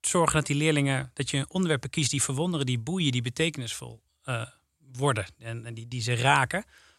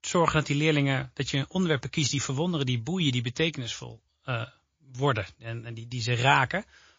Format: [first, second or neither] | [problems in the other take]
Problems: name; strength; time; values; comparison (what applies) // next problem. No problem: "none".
first | garbled, watery; slightly